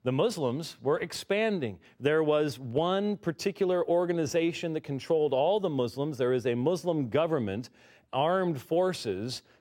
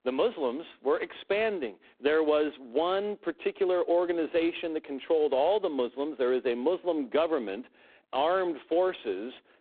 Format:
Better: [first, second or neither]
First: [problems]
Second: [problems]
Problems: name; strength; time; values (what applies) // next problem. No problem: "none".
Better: first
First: none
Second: phone-call audio; poor line; nothing above 3.5 kHz